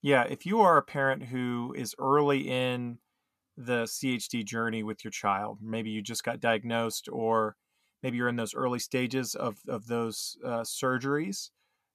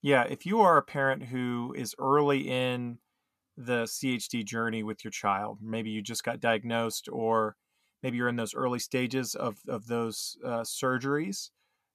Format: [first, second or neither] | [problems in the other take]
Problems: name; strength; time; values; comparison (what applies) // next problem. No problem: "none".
neither | none